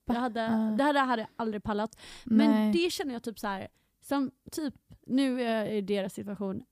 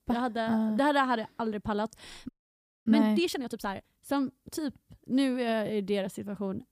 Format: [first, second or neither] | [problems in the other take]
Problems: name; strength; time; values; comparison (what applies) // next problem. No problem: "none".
first | audio freezing; at 2.5 s for 0.5 s